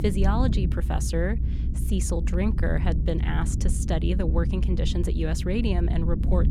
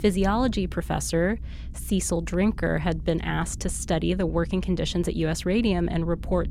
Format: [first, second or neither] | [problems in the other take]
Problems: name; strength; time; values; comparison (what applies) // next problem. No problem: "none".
second | low rumble; loud; throughout; 9 dB below the speech; faint in the second